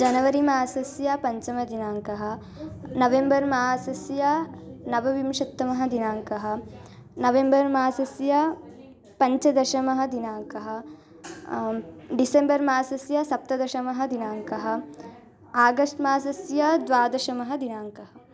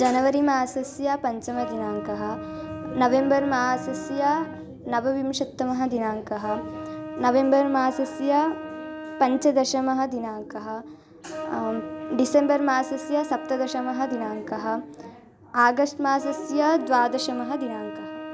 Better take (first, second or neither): first